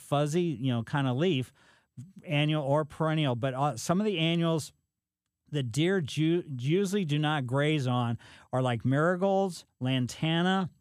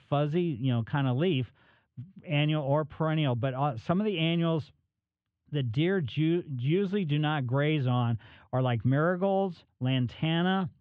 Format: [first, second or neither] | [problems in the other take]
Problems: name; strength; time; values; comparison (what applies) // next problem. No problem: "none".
first | muffled; very; fading above 3 kHz